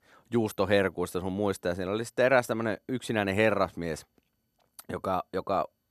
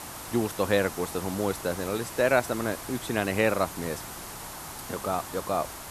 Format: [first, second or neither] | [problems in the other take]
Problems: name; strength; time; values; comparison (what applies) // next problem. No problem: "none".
first | hiss; loud; throughout; 9 dB below the speech